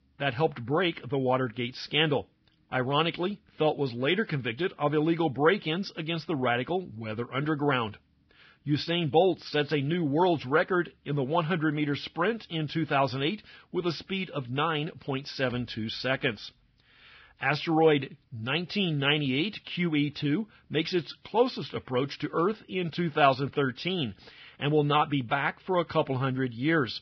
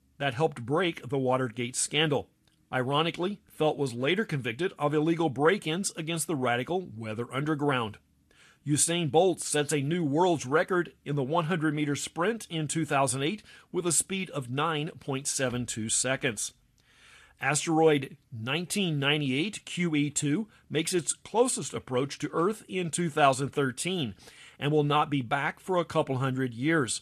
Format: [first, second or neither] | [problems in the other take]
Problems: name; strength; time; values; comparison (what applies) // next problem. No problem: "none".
second | garbled, watery; badly; nothing above 5.5 kHz; slightly in the second